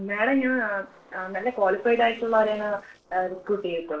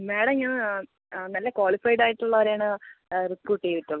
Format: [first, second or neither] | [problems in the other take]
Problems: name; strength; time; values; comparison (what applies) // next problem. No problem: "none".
second | noise reduction (neural separator model SepFormer DNS4)